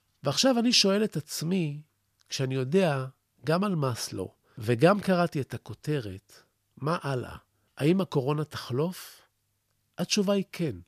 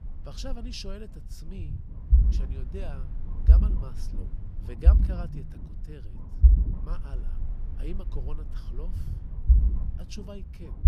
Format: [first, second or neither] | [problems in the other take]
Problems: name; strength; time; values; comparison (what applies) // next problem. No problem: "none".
first | low rumble; loud; throughout; 1 dB below the speech